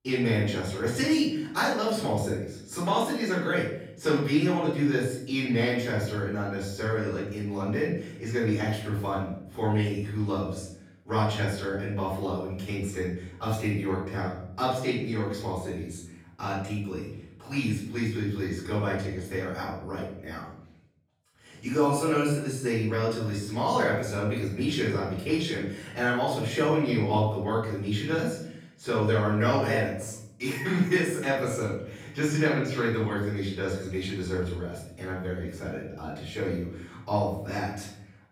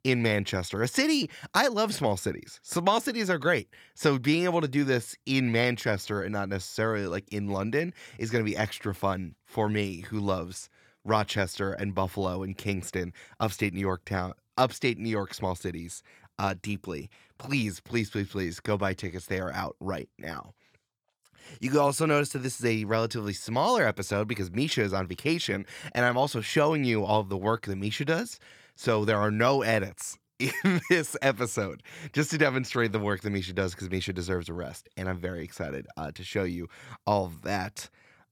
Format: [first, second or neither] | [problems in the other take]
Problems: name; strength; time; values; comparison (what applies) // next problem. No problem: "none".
second | room echo; noticeable; dies away in 0.7 s // off-mic speech; far